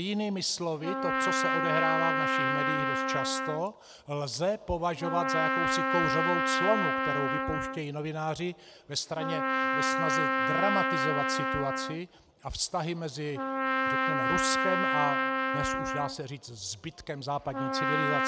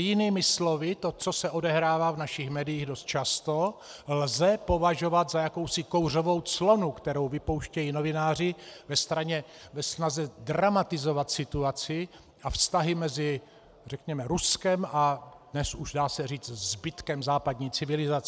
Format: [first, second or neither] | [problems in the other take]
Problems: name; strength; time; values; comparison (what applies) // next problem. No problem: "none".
second | background sound (Trumpet); 3 dB above the speech